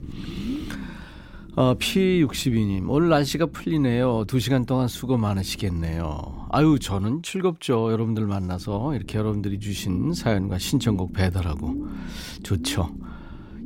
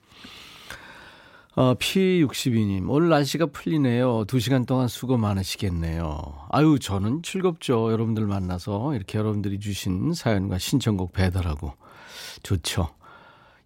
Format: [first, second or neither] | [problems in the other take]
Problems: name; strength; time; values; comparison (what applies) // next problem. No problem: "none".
second | low rumble; noticeable; until 7 s and from 8.5 s on; 15 dB below the speech